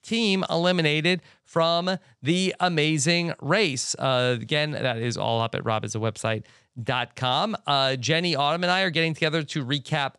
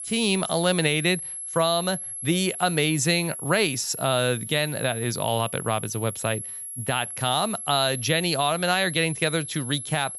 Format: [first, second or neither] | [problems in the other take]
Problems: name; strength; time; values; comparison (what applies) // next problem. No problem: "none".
first | high-pitched whine; loud; throughout; 11 kHz, 8 dB below the speech